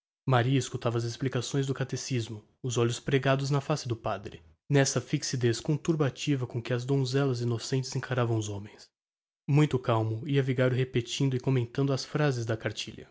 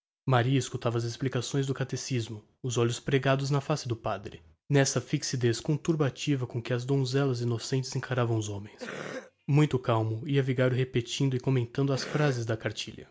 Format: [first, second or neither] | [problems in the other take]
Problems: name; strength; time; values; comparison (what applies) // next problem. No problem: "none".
first | background sound (Cough); 14 dB below the speech